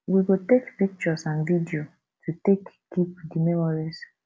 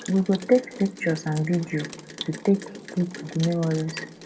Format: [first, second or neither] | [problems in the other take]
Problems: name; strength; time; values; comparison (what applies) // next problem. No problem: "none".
first | background sound (Rain); 15 dB below the speech // room echo; dies away in 1.8 s